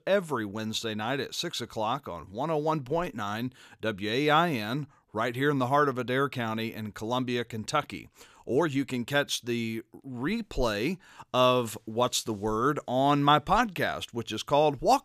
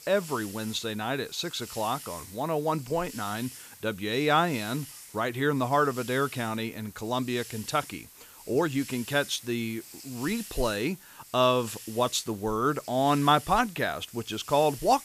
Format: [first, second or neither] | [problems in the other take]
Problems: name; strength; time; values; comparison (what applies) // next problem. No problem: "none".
first | hiss; noticeable; throughout; 15 dB below the speech